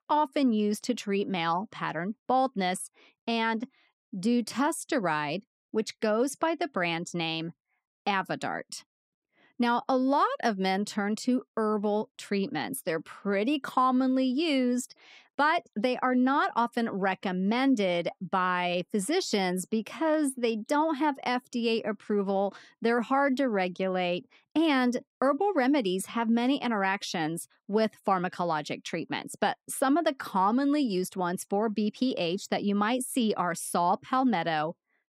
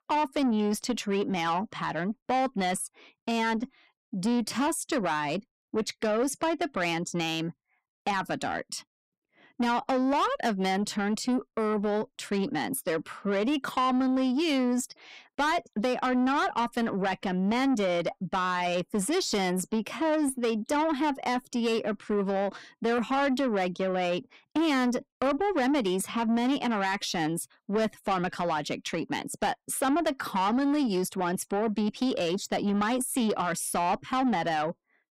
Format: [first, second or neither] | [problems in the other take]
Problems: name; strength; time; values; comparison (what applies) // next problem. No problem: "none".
first | distortion; slight; 10 dB below the speech